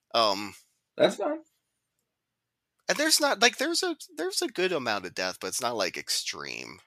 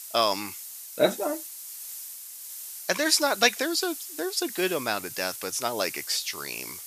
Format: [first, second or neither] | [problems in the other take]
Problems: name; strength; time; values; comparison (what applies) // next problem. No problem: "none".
first | hiss; noticeable; throughout; 10 dB below the speech